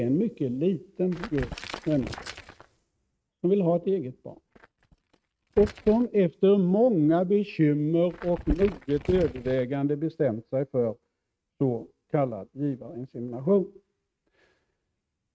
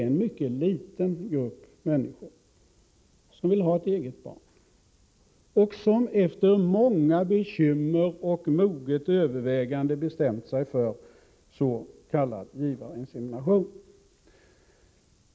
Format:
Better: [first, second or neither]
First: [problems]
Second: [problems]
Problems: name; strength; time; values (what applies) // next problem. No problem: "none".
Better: second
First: noise reduction (neural mask model RNNoise)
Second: none